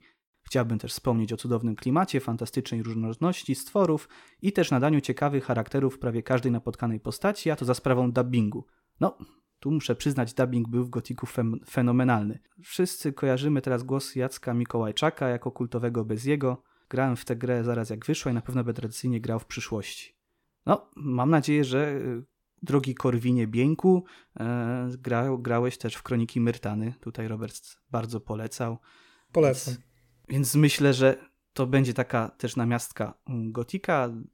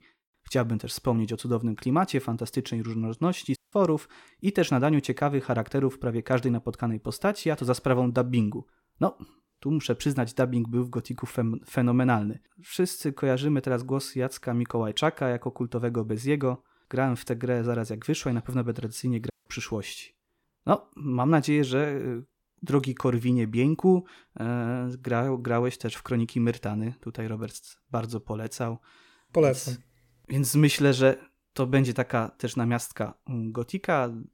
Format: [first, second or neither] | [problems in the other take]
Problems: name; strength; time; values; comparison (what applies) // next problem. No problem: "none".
first | audio cutting out; at 3.5 s and at 19 s